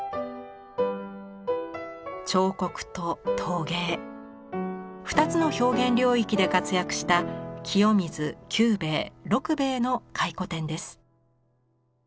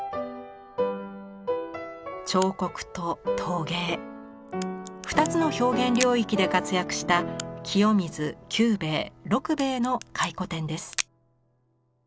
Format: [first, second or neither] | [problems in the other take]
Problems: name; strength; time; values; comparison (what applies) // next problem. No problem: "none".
first | background sound (Crack); 14 dB below the speech